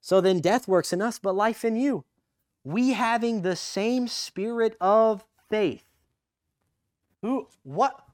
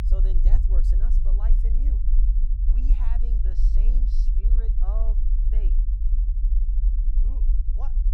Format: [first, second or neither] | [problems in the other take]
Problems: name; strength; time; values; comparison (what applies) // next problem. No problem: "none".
first | low rumble; loud; throughout; as loud as the speech